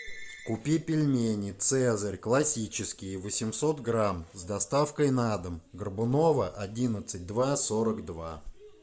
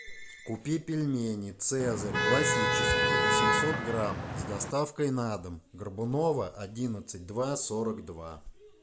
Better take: first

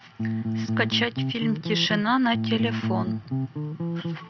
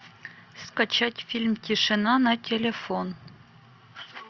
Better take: second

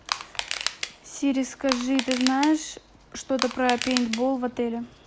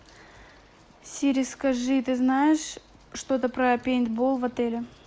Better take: second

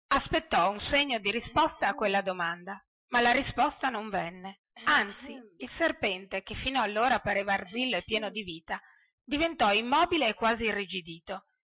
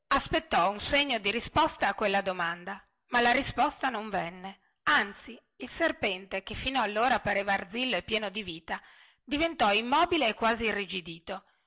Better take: second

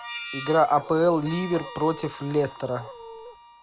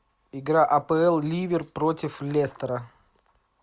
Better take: second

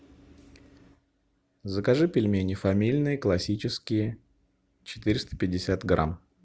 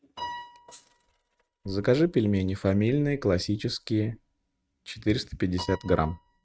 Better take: first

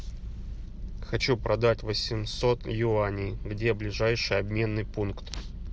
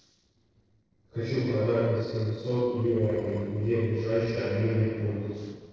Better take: first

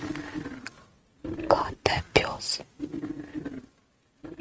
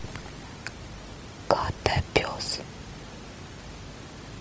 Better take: second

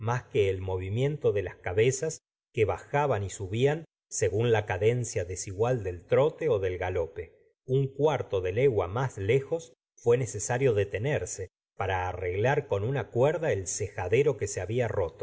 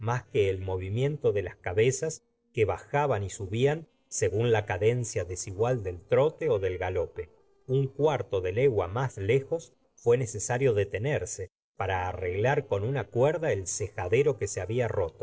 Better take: first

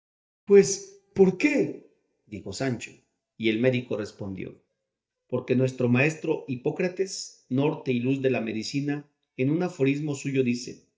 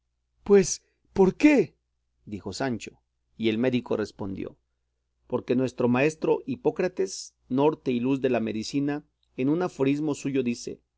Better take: second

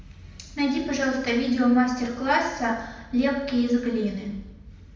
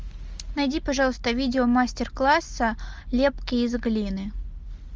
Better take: second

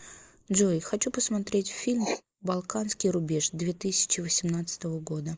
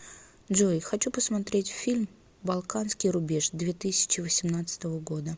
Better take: second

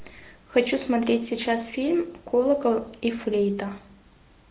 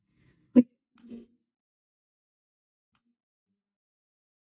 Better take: first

